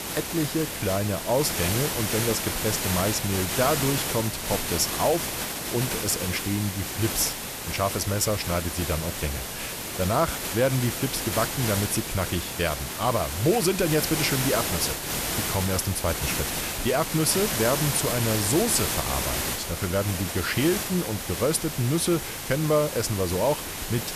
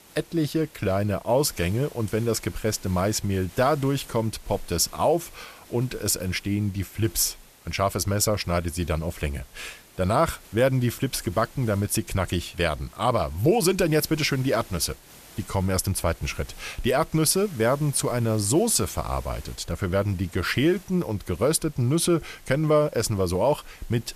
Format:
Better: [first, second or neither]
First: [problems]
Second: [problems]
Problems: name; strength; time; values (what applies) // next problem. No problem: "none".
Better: second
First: hiss; loud; throughout; 2 dB below the speech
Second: hiss; faint; throughout; 25 dB below the speech